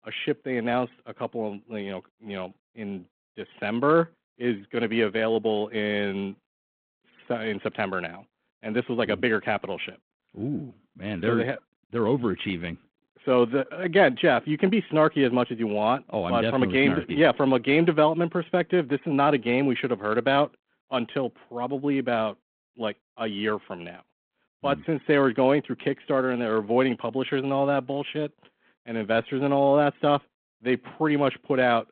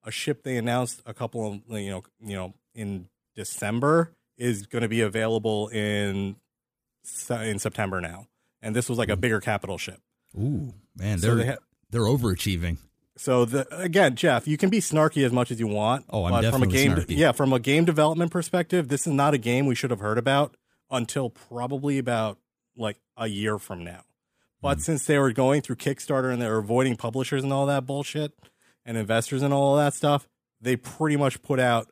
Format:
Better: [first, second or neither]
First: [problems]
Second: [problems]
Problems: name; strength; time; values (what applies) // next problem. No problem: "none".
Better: second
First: phone-call audio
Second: none